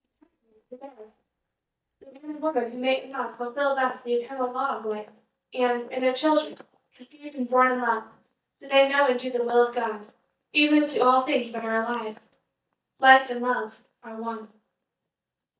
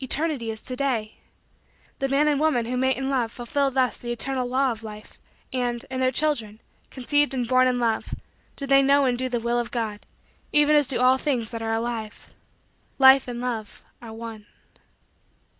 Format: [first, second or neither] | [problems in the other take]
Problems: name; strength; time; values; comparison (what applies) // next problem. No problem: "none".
second | noise reduction (neural mask model DeepFilterNet 3)